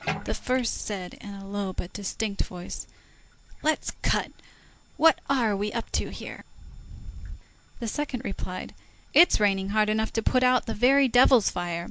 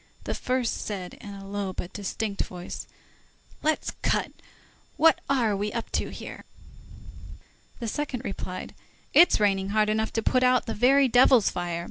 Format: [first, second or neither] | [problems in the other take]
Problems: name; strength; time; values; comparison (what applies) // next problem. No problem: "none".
second | background sound (Bathtub (filling or washing)); 19 dB below the speech